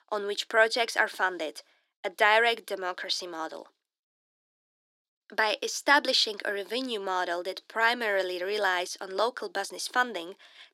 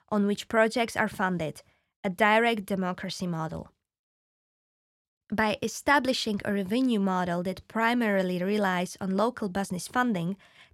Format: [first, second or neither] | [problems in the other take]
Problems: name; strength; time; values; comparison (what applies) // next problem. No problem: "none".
second | thin; very; fading below 300 Hz